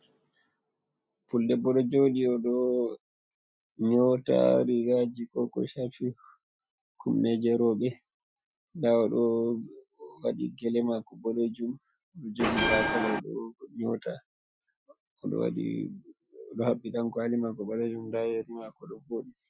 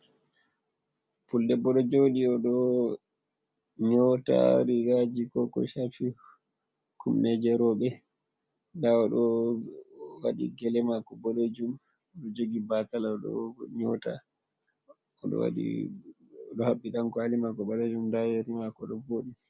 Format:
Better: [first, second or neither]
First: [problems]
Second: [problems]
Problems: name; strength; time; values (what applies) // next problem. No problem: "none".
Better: second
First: noise reduction (classical method Wiener filter)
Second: none